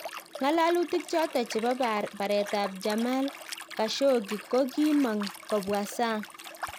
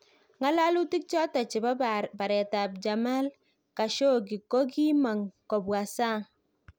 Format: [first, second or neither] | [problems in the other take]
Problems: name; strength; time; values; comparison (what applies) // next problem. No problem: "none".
second | background sound (Liquid); 13 dB below the speech